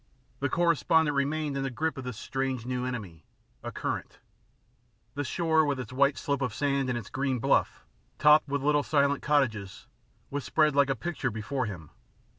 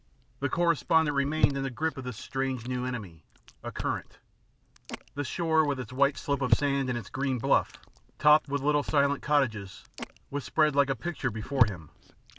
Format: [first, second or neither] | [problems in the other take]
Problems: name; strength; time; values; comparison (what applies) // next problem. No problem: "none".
first | background sound (Chewing, mastication); 7 dB below the speech